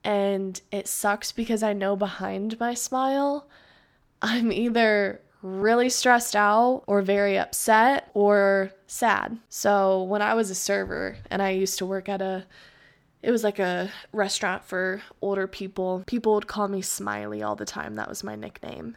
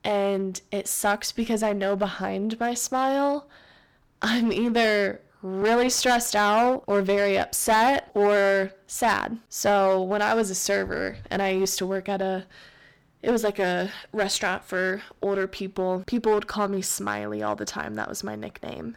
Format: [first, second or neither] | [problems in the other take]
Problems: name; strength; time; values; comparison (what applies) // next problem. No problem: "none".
first | distortion; slight; 8% of the sound clipped